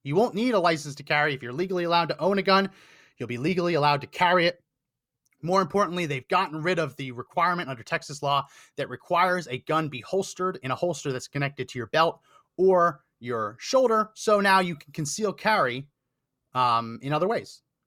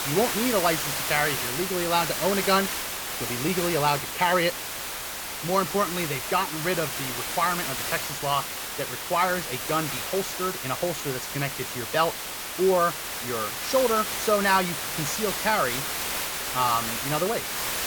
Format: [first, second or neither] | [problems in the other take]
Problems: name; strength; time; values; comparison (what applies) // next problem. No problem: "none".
first | hiss; loud; throughout; 2 dB below the speech